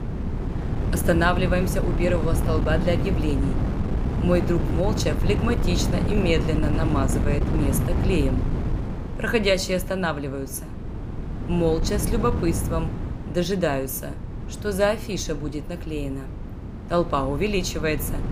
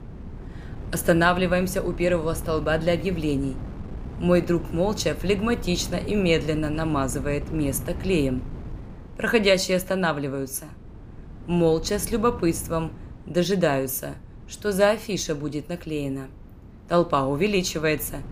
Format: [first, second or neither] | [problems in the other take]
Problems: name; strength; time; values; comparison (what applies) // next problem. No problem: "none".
second | wind noise on the microphone; heavy; 8 dB below the speech; occasional gusts in the second